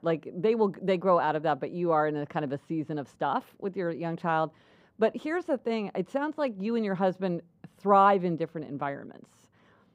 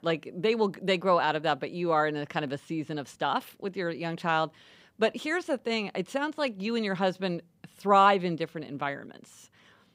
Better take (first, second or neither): second